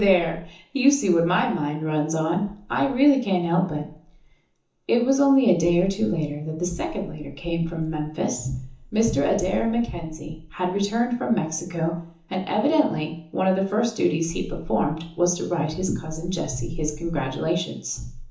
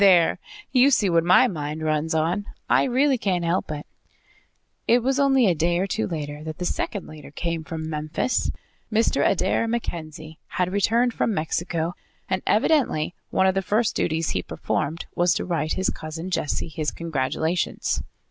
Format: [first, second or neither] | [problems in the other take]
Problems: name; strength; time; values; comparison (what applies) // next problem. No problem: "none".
second | room echo; dies away in 0.7 s